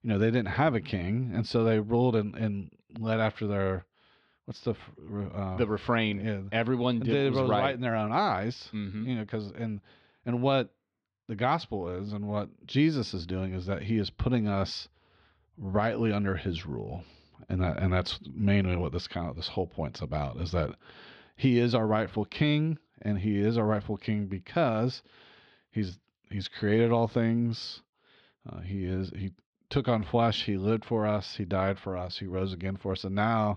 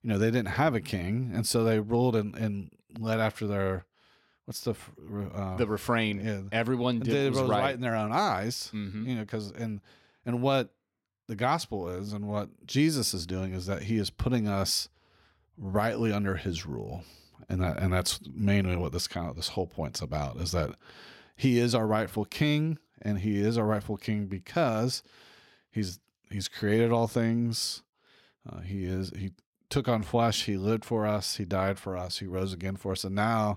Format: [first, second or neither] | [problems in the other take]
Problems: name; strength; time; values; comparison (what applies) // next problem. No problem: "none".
second | muffled; very slightly; fading above 4 kHz